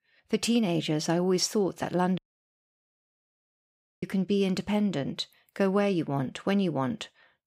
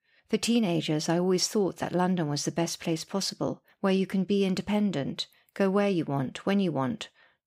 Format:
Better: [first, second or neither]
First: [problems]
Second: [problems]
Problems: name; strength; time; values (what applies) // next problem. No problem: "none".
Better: second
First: audio cutting out; at 2 s for 2 s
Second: none